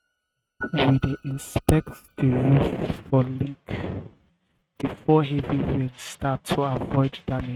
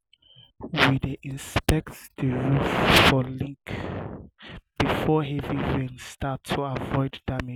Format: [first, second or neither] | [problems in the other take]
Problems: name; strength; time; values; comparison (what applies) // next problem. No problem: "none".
second | noise reduction (neural mask model RNNoise)